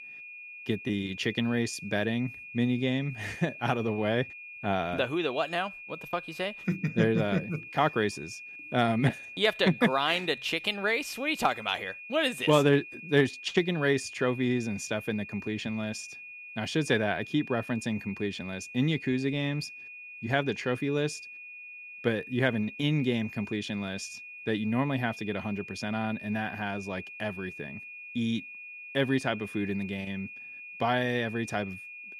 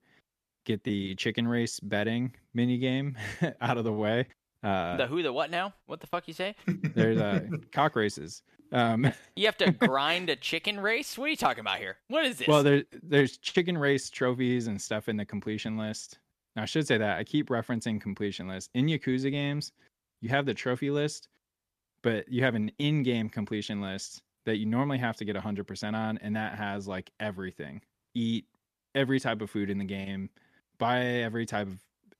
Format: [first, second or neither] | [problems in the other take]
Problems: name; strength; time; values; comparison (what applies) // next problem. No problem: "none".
second | high-pitched whine; noticeable; throughout; 2.5 kHz, 10 dB below the speech